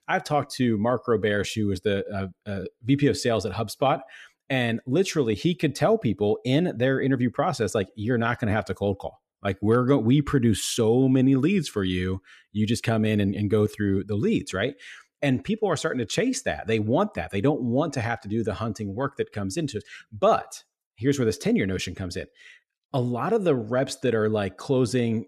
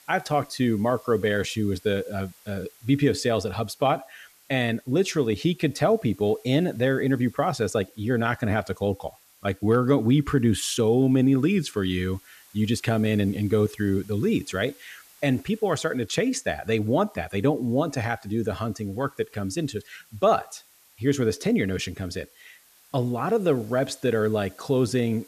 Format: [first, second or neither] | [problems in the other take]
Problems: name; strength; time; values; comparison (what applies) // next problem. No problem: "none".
first | hiss; faint; throughout; 30 dB below the speech